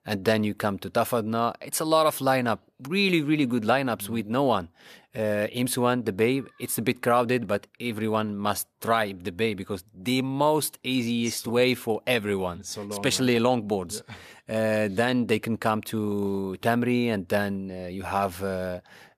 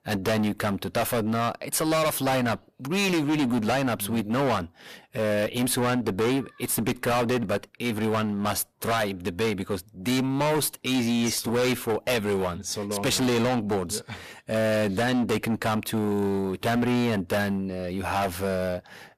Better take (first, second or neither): first